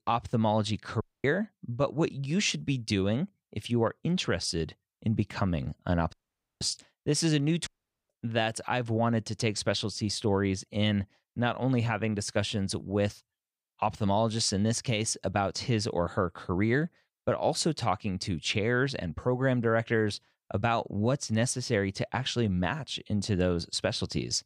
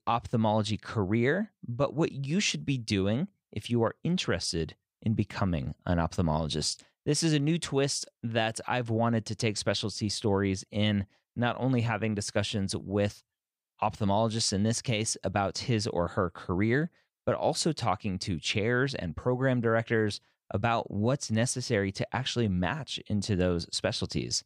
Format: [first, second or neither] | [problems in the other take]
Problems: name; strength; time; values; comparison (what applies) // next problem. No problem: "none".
second | audio cutting out; at 1 s, at 6 s and at 7.5 s